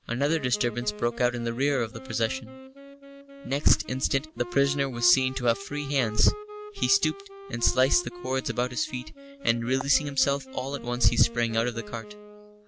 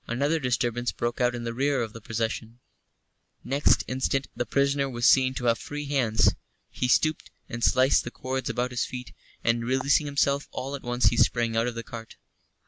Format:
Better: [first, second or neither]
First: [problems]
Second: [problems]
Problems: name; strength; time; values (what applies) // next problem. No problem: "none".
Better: second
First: background sound (Wind instrument, woodwind instrument); 16 dB below the speech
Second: none